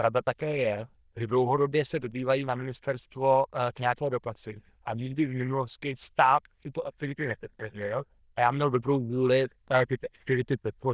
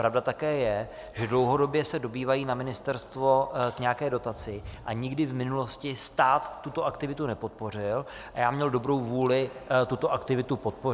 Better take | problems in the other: second | noise reduction (neural diffusion model UNIVERSE++)

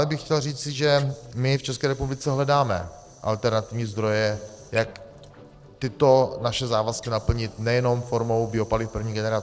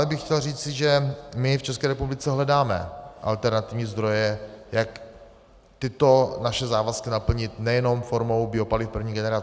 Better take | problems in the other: second | noise reduction (neural separator model SepFormer DNS4)

